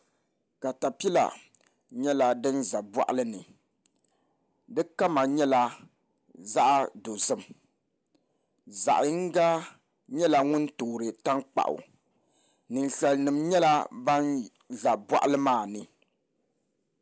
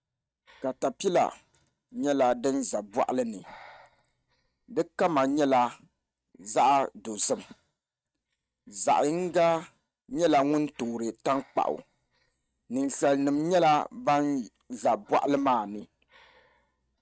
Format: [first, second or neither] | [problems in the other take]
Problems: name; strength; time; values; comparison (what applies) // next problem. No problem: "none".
first | noise reduction (neural mask model RNNoise)